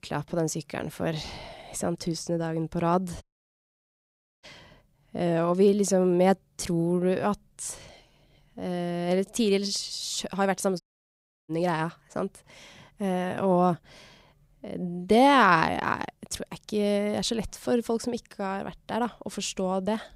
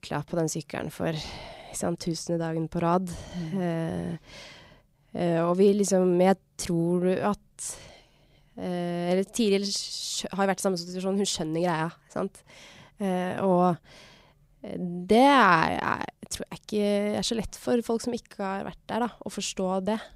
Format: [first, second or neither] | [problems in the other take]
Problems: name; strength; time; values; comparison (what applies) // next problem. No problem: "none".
second | audio cutting out; at 3 s for 1 s and at 11 s for 0.5 s